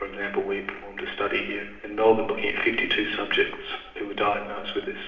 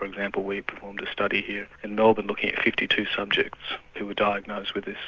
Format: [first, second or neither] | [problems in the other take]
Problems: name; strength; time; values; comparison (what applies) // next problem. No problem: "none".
second | room echo; dies away in 1.1 s